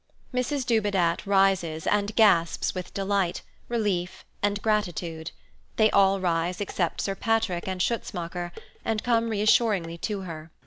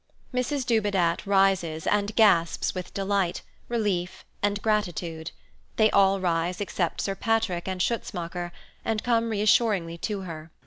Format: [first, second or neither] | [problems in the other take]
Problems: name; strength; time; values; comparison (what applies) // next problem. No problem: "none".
second | background sound (Dishes, pots, and pans); 19 dB below the speech